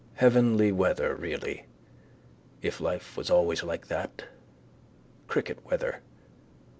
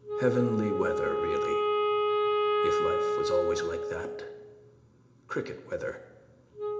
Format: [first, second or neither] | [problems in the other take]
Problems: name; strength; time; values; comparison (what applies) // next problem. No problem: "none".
first | background sound (Wind instrument, woodwind instrument); 4 dB above the speech // room echo; dies away in 0.8 s